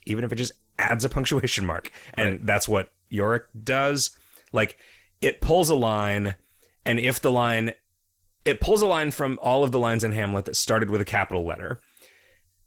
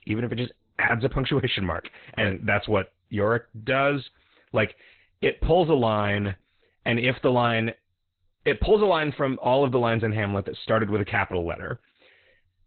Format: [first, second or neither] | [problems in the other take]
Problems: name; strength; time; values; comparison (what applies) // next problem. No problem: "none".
first | garbled, watery; badly; nothing above 4 kHz; slightly in the first